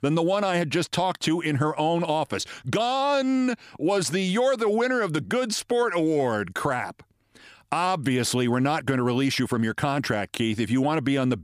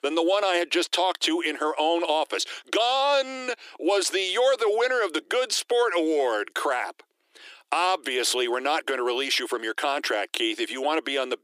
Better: first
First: none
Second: thin; very; fading below 350 Hz

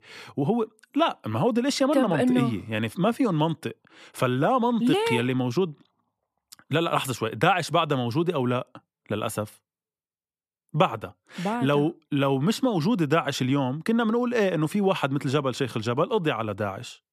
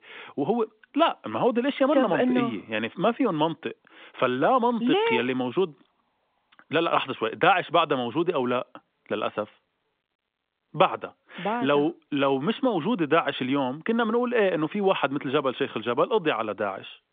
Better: first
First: none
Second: phone-call audio; nothing above 3.5 kHz

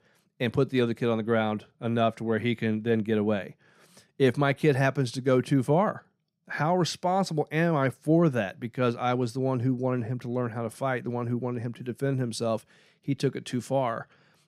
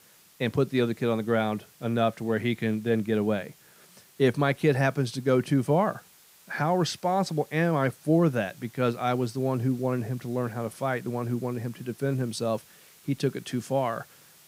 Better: first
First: none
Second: hiss; faint; throughout; 25 dB below the speech

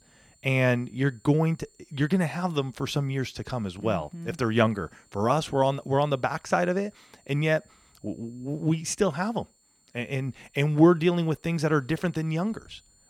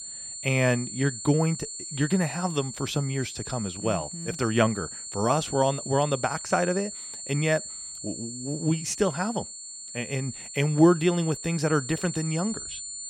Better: first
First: high-pitched whine; faint; throughout; 7.5 kHz, 35 dB below the speech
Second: high-pitched whine; loud; throughout; 7.5 kHz, 9 dB below the speech

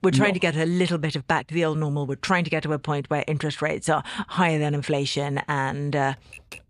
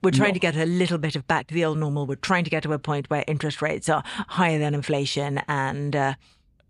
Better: second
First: keyboard typing; faint; at 6 s; peak 15 dB below the speech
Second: none

